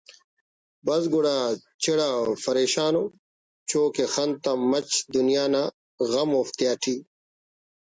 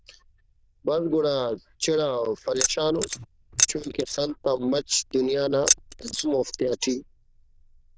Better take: first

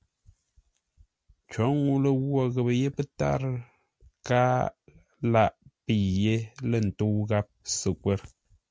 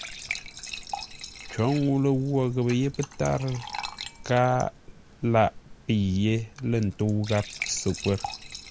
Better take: first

